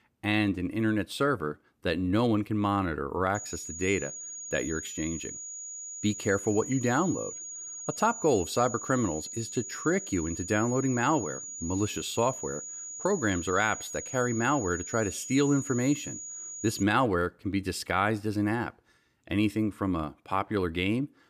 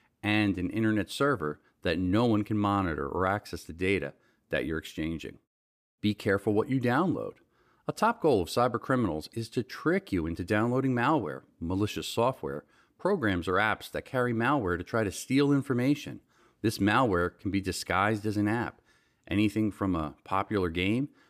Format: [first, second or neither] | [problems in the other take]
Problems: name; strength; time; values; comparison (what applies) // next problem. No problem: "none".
second | high-pitched whine; loud; from 3.5 to 17 s; 6.5 kHz, 8 dB below the speech